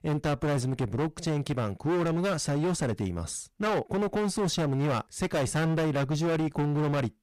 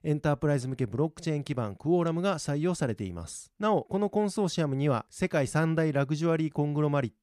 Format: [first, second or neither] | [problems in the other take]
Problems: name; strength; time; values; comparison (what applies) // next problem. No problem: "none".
second | distortion; heavy; 25% of the sound clipped